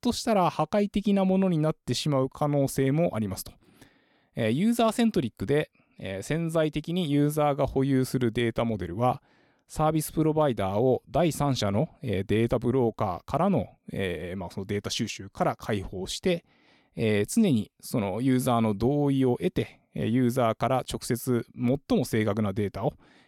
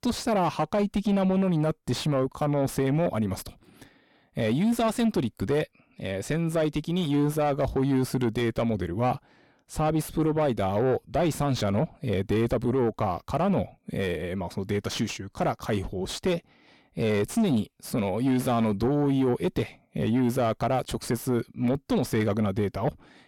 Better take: first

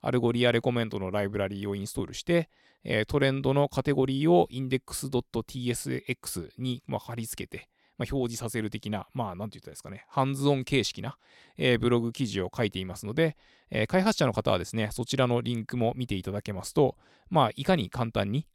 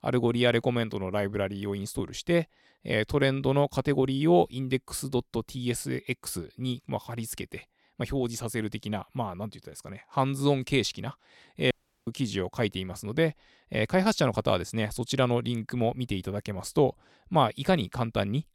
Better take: first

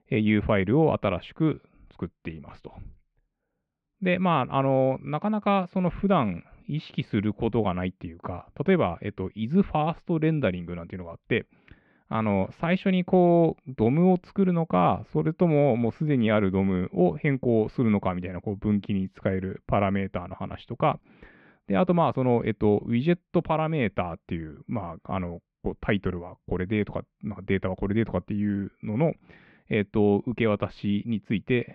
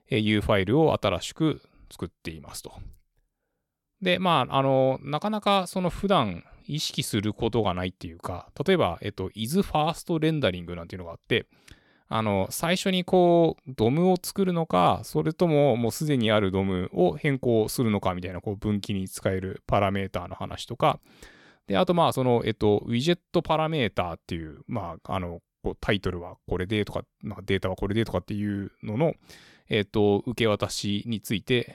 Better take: second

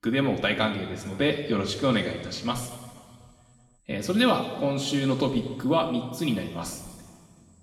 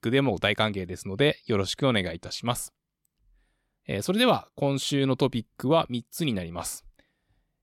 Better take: second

